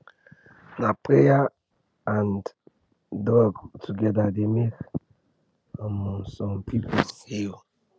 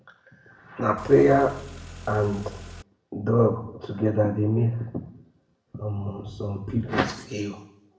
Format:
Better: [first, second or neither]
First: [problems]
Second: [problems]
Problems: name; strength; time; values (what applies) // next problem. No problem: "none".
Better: first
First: none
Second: background sound (Car); 15 dB below the speech // room echo; dies away in 0.6 s